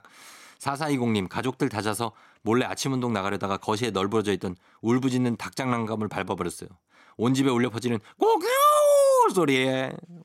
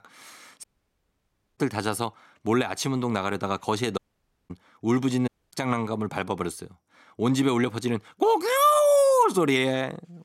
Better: first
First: none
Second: audio cutting out; at 0.5 s for 1 s, at 4 s for 0.5 s and at 5.5 s

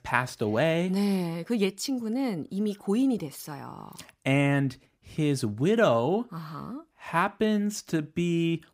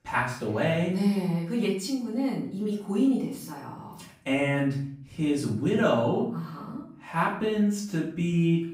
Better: first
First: none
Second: off-mic speech; far // room echo; noticeable; dies away in 0.5 s

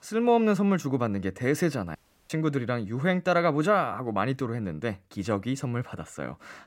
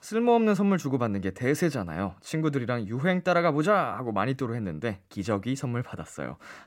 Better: second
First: audio cutting out; at 2 s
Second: none

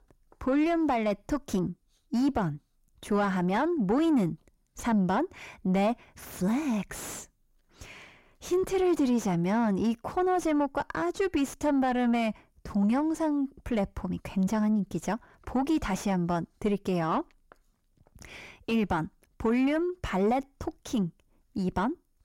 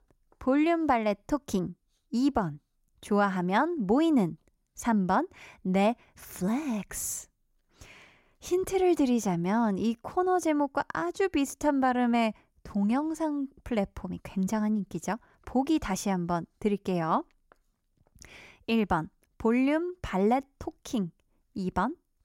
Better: second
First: distortion; slight; 9 dB below the speech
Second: none

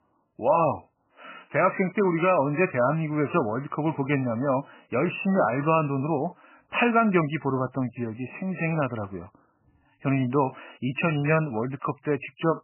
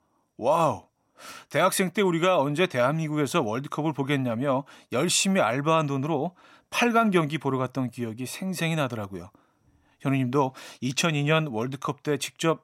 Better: second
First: garbled, watery; badly; nothing above 2.5 kHz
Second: none

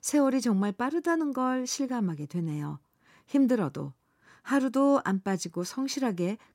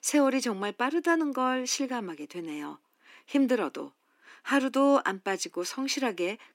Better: first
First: none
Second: thin; very slightly; fading below 250 Hz

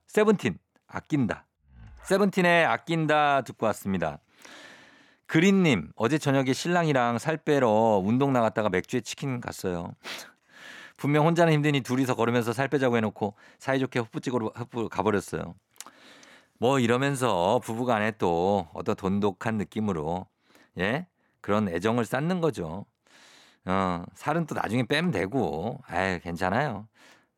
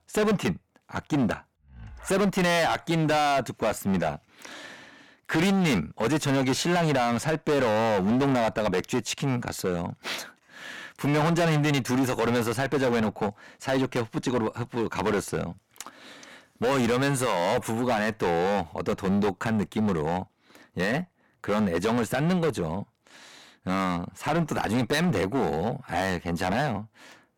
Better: first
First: none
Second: distortion; heavy; 15% of the sound clipped

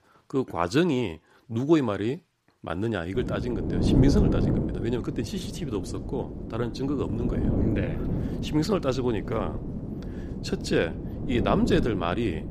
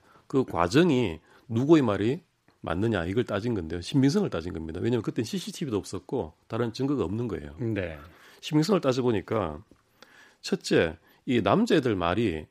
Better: second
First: wind noise on the microphone; heavy; from 3 s on; 6 dB below the speech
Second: none

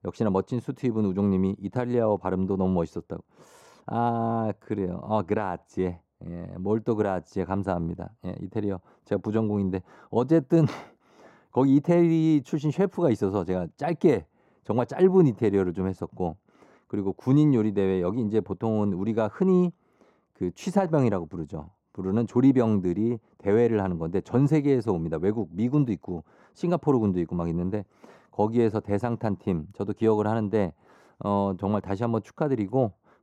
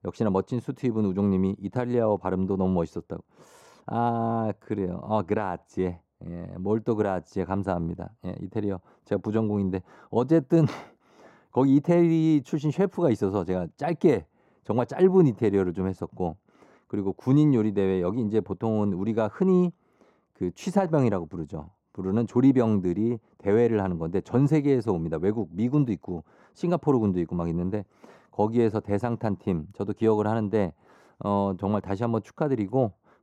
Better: neither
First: muffled; very; fading above 1.5 kHz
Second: muffled; very; fading above 1.5 kHz

